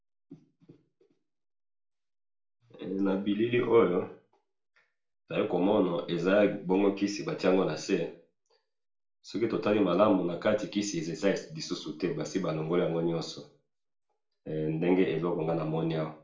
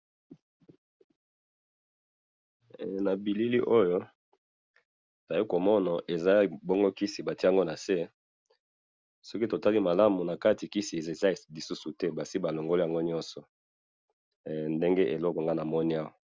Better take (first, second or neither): second